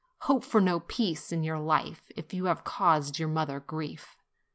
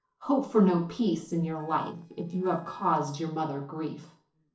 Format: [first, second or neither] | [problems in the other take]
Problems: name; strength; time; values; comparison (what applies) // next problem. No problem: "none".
first | noise reduction (neural separator model SepFormer DNS4)